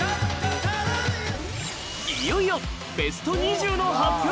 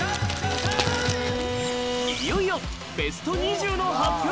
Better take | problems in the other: first | background sound (Packing tape, duct tape + Bowed string instrument); 5 dB below the speech

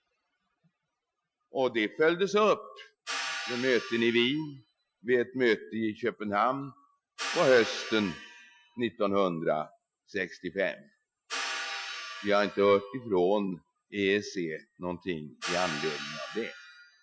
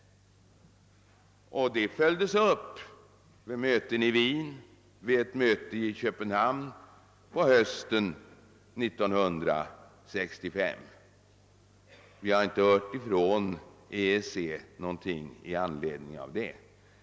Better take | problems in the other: second | noise reduction (classical method Wiener filter)

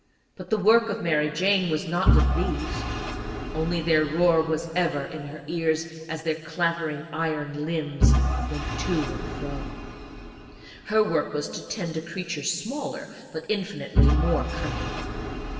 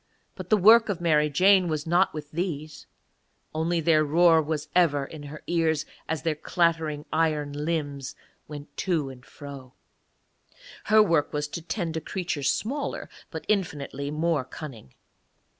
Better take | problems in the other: second | background sound (Engine / Vehicle); 1 dB below the speech // room echo; dies away in 2.3 s

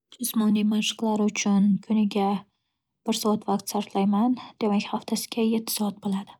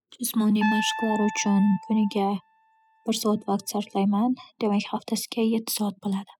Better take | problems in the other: first | noise reduction (classical method spectral subtraction)

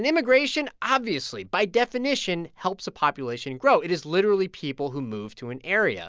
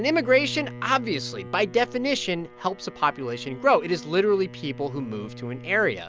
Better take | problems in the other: first | background sound (Bowed string instrument); 16 dB below the speech

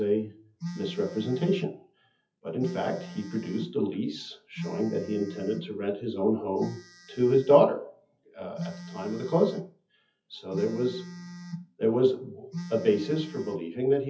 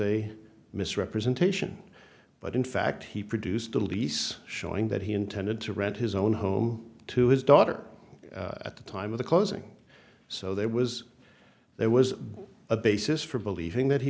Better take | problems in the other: second | noise reduction (classical method WPE with log-MMSE)

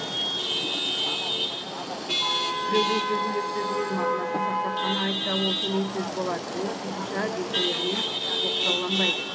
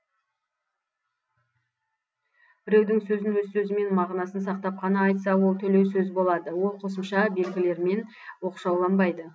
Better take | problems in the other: second | background sound (Chatter / Traffic noise, roadway noise / Vehicle horn, car horn, honking / Engine); 5 dB above the speech

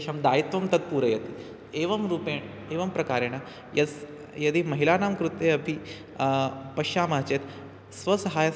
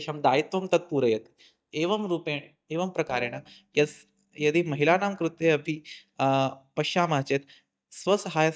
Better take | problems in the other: first | noise reduction (neural mask model DeepFilterNet 3)

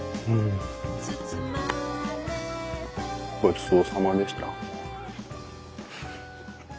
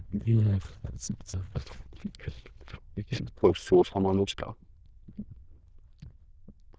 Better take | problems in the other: first | noise reduction (neural diffusion model UNIVERSE++)

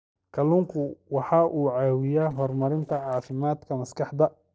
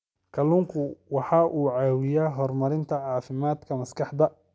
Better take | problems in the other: second | noise reduction (neural separator model SepFormer DNS4)

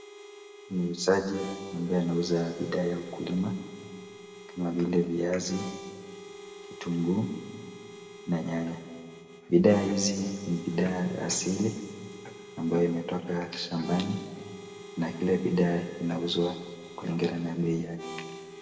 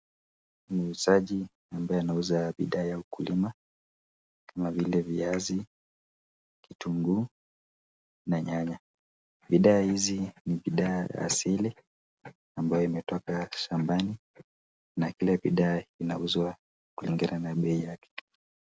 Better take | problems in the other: second | background sound (Harmonica); 15 dB below the speech // room echo; dies away in 1.5 s

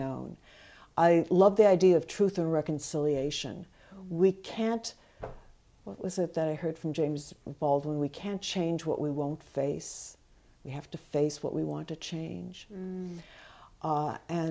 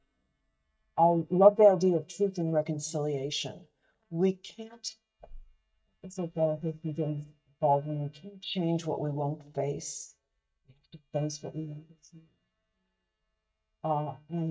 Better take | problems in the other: first | noise reduction (neural mask model DeepFilterNet 3)

